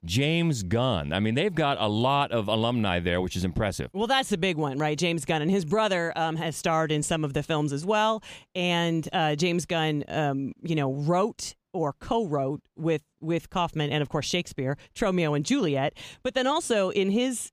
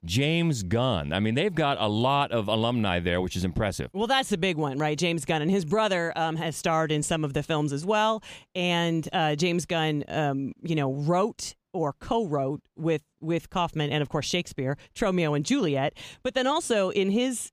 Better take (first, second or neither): neither